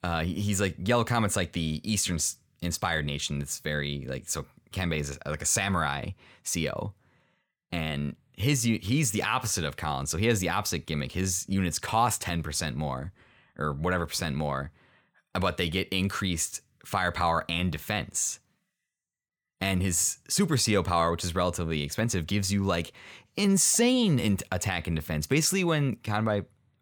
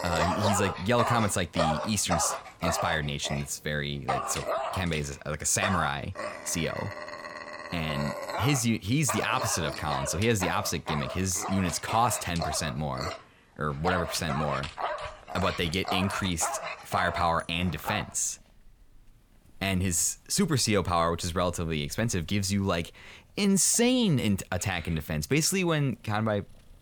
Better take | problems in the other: first | animal sounds; loud; throughout; 6 dB below the speech

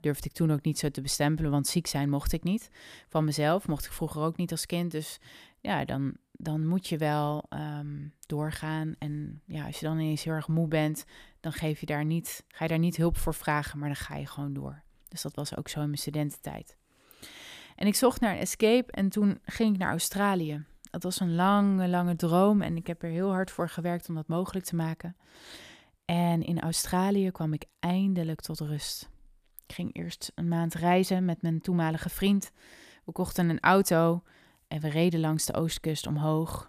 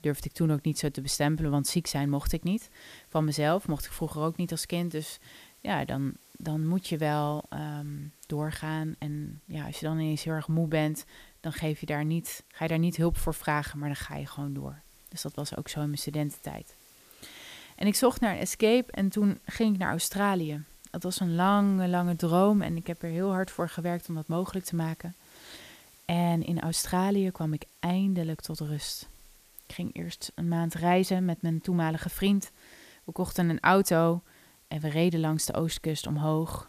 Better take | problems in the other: first | hiss; faint; throughout; 25 dB below the speech

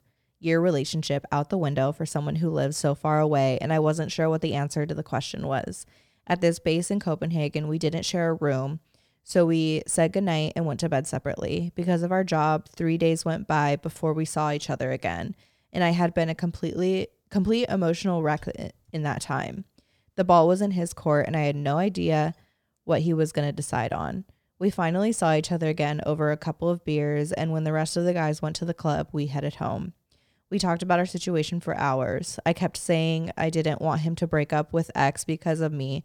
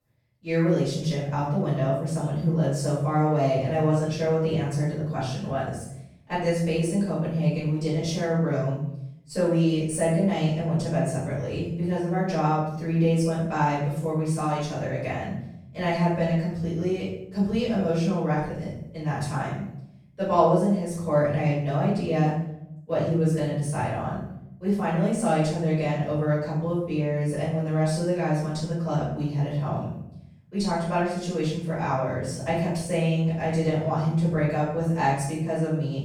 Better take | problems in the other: first | off-mic speech; far // room echo; noticeable; dies away in 0.7 s

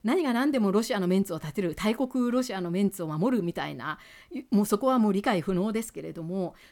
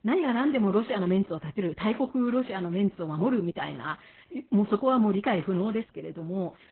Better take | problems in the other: first | garbled, watery; badly

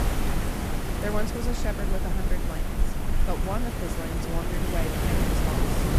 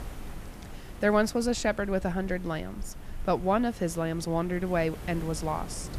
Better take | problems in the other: second | wind noise on the microphone; heavy; 2 dB above the speech; occasional gusts in the second

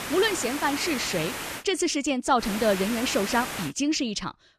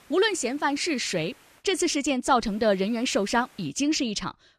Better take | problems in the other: second | hiss; loud; until 1.5 s and from 2.5 to 3.5 s; 7 dB below the speech; faint in the second

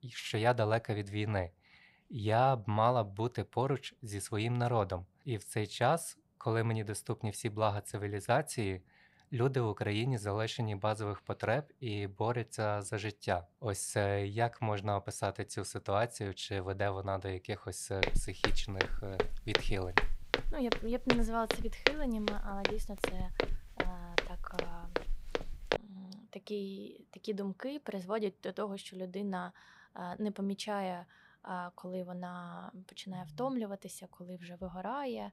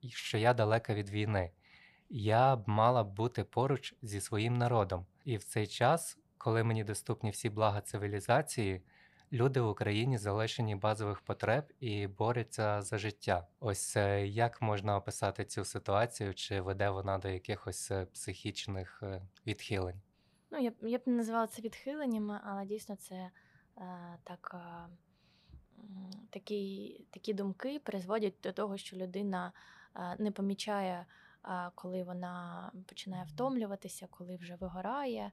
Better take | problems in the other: second | footsteps; loud; from 18 to 26 s; peak 5 dB above the speech

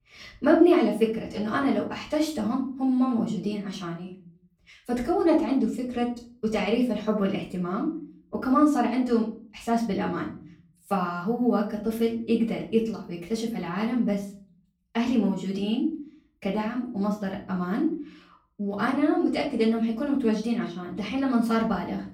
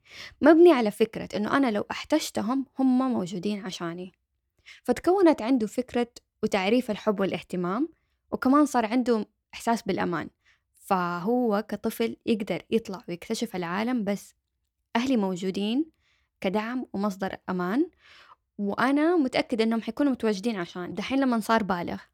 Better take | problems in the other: second | room echo; slight; dies away in 0.5 s // off-mic speech; far

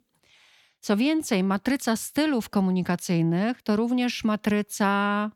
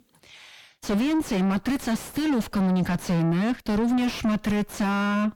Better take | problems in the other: first | distortion; heavy; 3 dB below the speech

